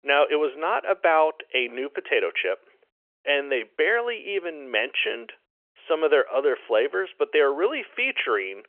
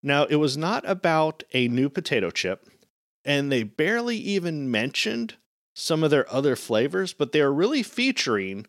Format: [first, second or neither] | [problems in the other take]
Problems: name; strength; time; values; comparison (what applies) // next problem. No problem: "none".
second | phone-call audio; nothing above 3 kHz